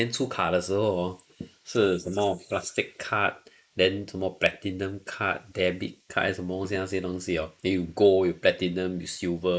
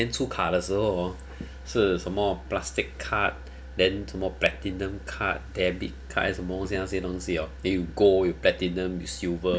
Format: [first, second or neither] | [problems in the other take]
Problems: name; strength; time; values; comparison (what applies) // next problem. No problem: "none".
second | noise reduction (neural mask model Resemble Enhance denoiser)